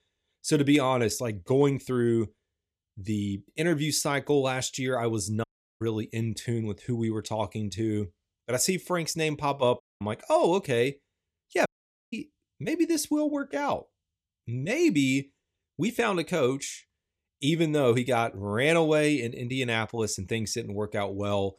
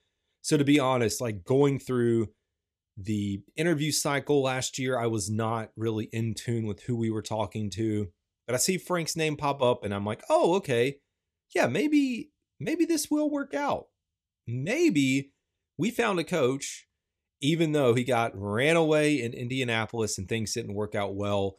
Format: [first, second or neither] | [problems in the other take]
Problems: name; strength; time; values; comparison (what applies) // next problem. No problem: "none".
second | audio cutting out; at 5.5 s, at 10 s and at 12 s